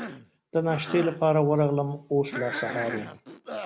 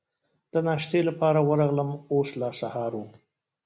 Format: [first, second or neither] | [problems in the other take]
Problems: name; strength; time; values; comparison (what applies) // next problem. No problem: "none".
second | background sound (Cough); 11 dB below the speech